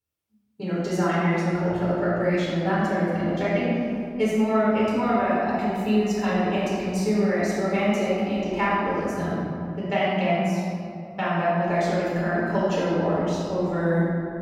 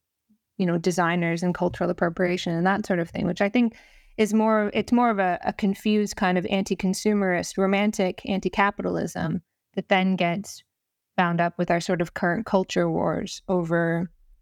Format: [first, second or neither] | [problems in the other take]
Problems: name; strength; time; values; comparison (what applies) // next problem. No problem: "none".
second | off-mic speech; far // room echo; strong; dies away in 2.4 s